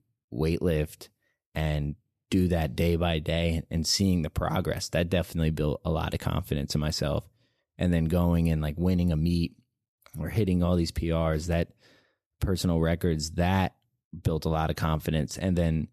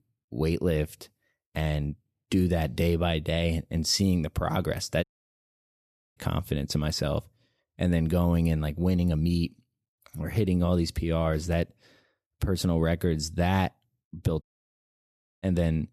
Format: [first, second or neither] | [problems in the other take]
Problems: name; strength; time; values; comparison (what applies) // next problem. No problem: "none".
first | audio cutting out; at 5 s for 1 s and at 14 s for 1 s